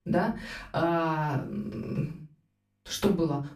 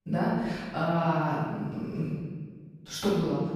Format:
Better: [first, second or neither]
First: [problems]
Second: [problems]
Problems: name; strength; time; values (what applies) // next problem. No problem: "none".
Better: first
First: room echo; slight; dies away in 0.3 s // off-mic speech; far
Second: room echo; strong; dies away in 1.4 s // off-mic speech; far